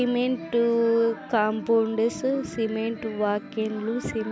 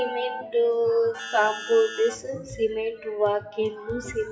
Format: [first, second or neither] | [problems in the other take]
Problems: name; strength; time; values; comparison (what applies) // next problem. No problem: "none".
first | noise reduction (classical method WPE with log-MMSE)